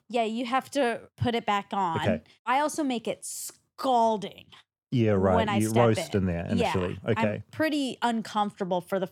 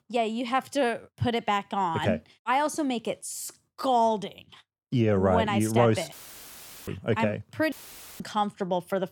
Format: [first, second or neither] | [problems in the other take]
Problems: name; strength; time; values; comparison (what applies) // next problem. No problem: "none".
first | audio cutting out; filled with static; at 6 s for 1 s and at 7.5 s